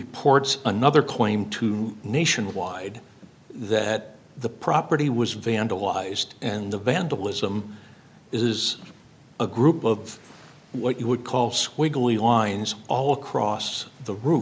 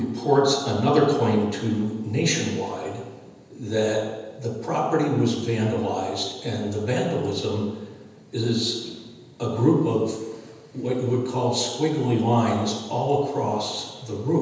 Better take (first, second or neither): first